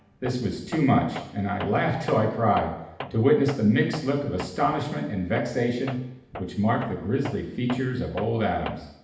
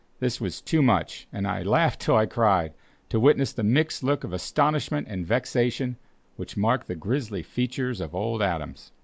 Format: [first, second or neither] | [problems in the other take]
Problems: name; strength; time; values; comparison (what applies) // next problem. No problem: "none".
second | background sound (Tools); 15 dB below the speech // room echo; dies away in 0.8 s